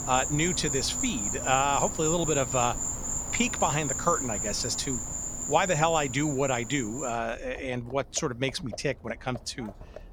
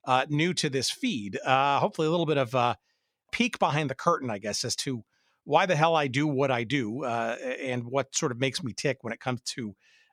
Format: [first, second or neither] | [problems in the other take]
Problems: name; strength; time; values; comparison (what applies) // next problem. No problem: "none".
second | animal sounds; loud; throughout; 2 dB below the speech